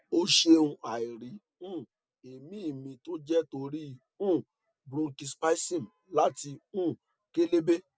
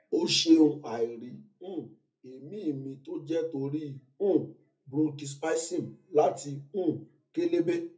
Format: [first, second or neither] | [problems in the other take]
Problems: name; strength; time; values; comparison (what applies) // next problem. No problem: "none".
first | room echo; dies away in 0.3 s